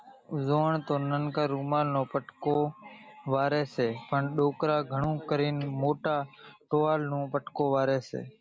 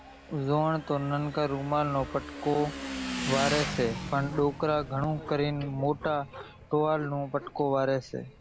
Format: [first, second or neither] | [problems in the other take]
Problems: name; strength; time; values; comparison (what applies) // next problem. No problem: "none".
first | background sound (Motorcycle / Engine); 10 dB below the speech